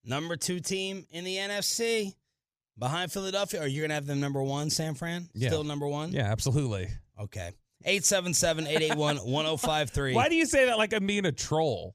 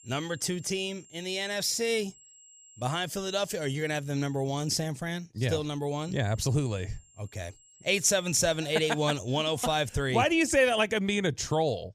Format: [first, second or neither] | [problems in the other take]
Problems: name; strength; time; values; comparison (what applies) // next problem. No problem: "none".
first | high-pitched whine; faint; until 5 s and from 6 to 10 s; 7.5 kHz, 25 dB below the speech